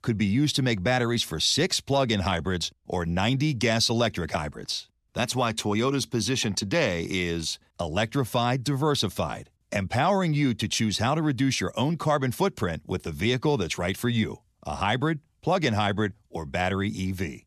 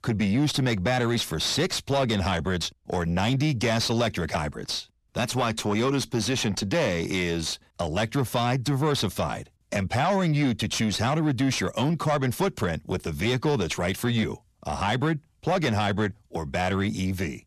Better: first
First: none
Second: distortion; slight; 10 dB below the speech

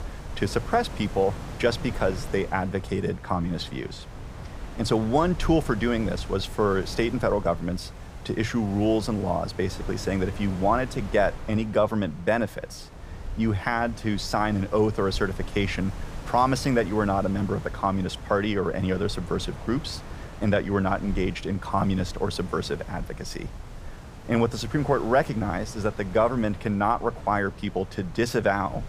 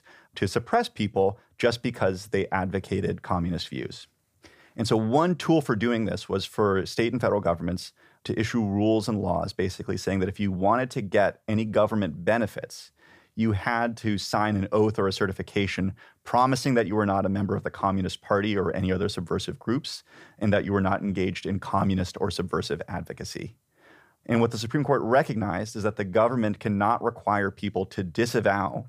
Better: second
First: wind noise on the microphone; occasional gusts; 15 dB below the speech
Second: none

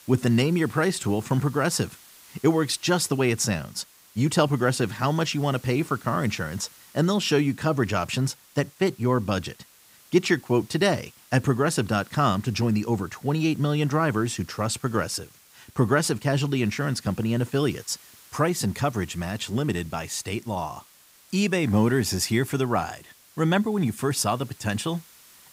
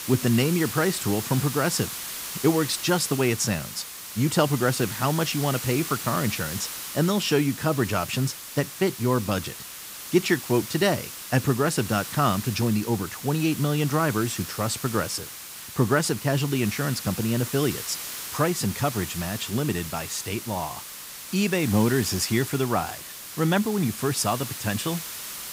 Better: first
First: hiss; faint; throughout; 25 dB below the speech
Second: hiss; loud; throughout; 8 dB below the speech

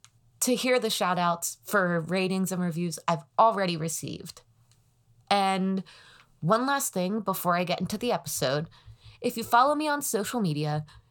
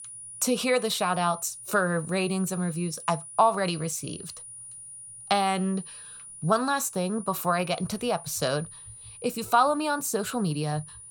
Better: first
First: none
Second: high-pitched whine; noticeable; throughout; 9.5 kHz, 15 dB below the speech

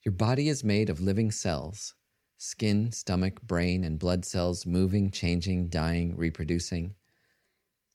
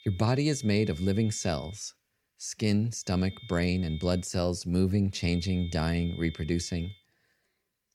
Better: first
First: none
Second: high-pitched whine; noticeable; until 1.5 s, from 3 to 4 s and from 5 to 7 s; 3.5 kHz, 20 dB below the speech

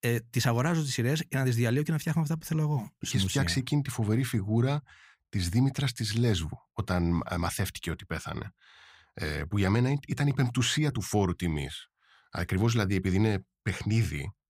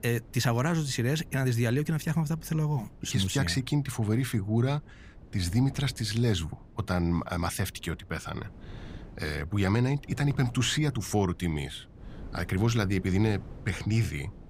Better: first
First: none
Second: wind noise on the microphone; occasional gusts; 25 dB below the speech

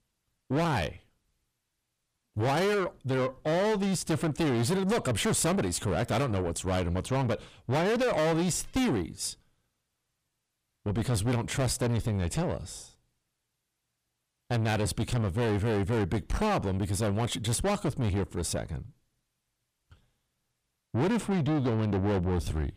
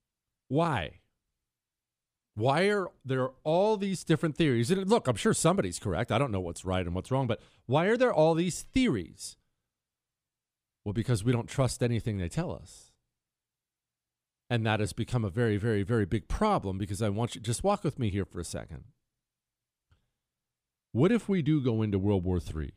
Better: second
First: distortion; heavy; 6 dB below the speech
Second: none

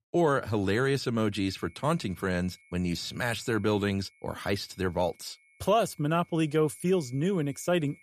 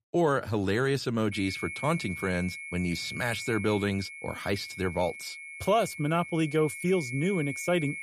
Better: first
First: high-pitched whine; faint; from 1.5 s on; 2 kHz, 30 dB below the speech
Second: high-pitched whine; loud; from 1.5 s on; 2 kHz, 9 dB below the speech

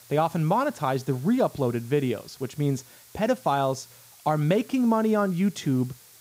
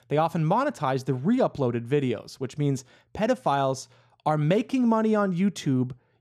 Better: second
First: hiss; faint; throughout; 25 dB below the speech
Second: none

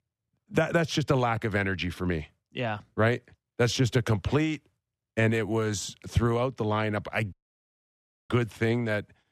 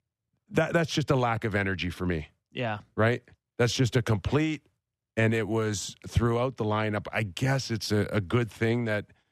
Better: second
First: audio cutting out; at 7.5 s for 1 s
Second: none

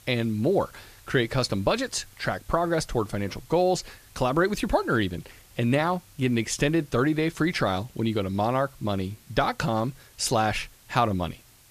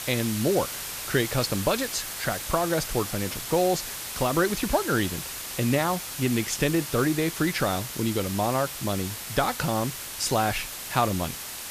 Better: first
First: hiss; faint; throughout; 25 dB below the speech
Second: hiss; loud; throughout; 6 dB below the speech

